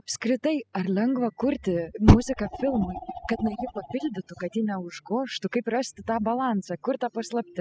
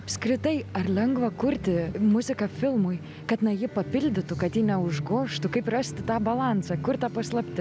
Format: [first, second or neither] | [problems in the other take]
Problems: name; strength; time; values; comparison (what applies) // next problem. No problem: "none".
second | noise reduction (classical method spectral subtraction)